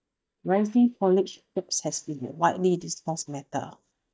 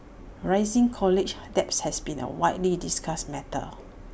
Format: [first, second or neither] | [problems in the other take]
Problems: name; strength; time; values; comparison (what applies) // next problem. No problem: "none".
second | noise reduction (neural mask model DeepFilterNet 3)